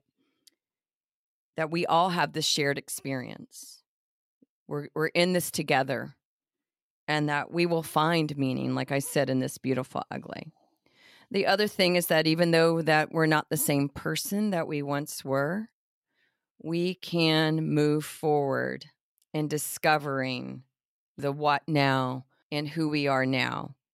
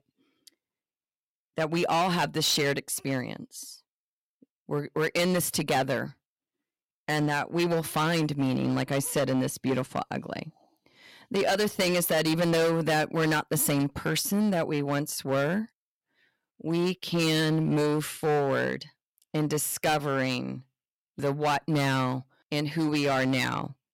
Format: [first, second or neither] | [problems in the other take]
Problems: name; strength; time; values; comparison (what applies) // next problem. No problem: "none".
first | distortion; heavy; 11% of the sound clipped